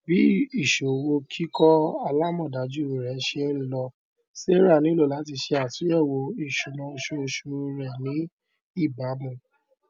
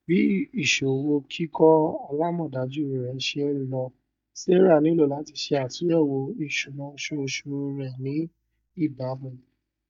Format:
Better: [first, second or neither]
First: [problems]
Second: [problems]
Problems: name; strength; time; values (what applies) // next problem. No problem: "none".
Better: first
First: none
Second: noise reduction (neural mask model DeepFilterNet 3)